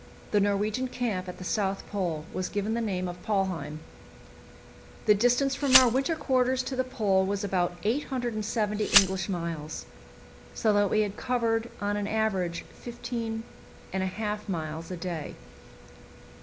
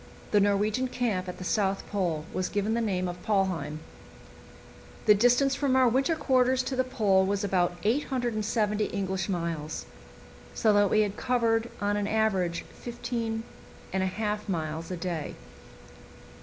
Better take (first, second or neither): second